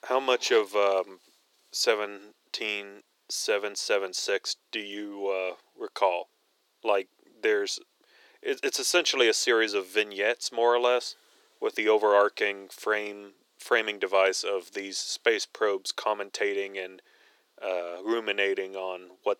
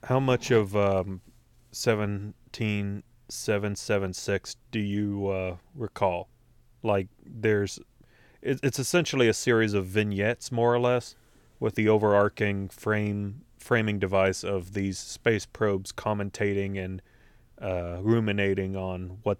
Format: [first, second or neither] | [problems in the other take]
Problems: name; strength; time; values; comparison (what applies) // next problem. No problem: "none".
second | thin; very; fading below 350 Hz